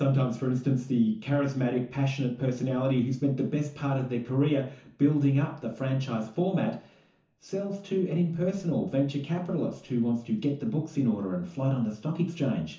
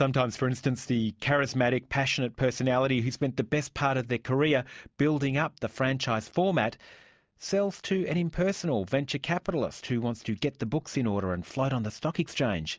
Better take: second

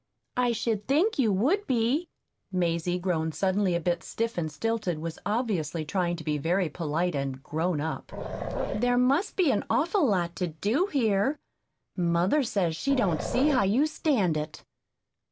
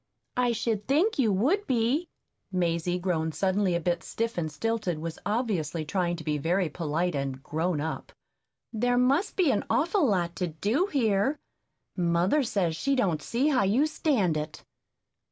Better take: second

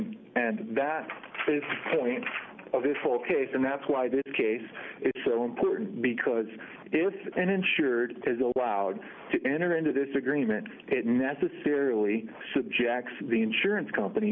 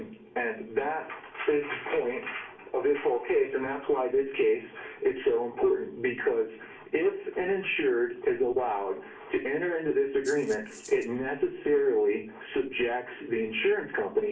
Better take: first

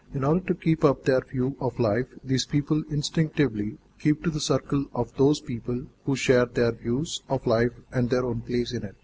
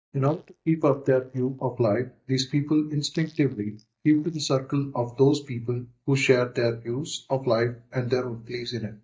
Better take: first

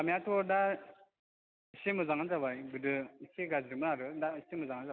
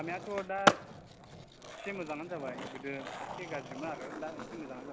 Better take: first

